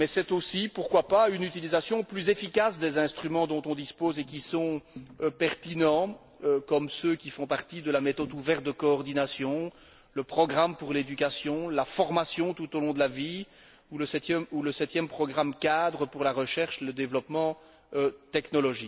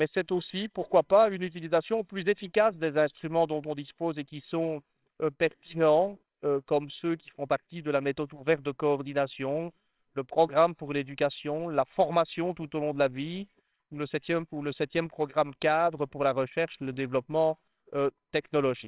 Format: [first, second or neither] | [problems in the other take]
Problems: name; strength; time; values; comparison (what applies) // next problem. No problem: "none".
first | noise reduction (neural separator model SepFormer WHAMR!)